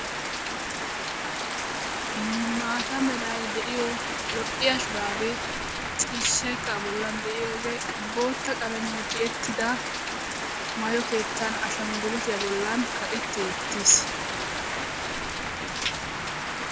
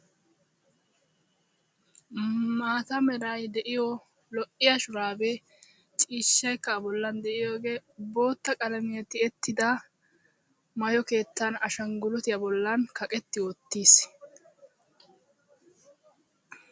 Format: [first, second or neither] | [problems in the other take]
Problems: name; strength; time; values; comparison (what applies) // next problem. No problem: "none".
second | background sound (Rain); as loud as the speech